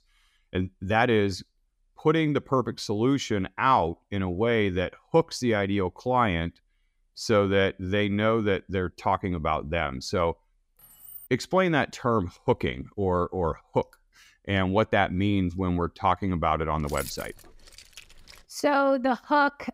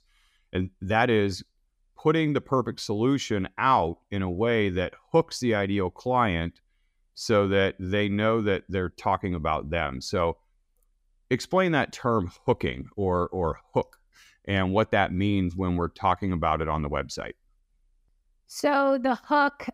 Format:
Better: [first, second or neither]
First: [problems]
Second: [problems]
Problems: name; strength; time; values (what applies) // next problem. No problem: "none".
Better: second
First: jangling keys; faint; at 11 s and from 17 to 18 s; peak 10 dB below the speech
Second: none